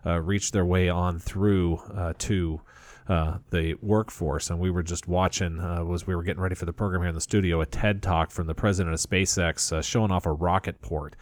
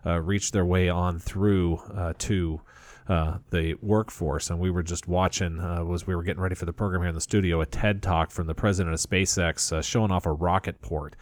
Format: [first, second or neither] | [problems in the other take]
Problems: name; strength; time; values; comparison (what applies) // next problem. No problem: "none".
neither | none